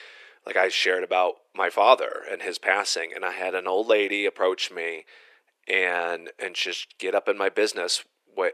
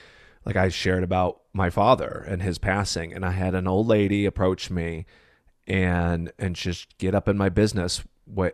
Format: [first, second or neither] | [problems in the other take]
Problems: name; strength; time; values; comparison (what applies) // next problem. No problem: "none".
second | thin; very; fading below 400 Hz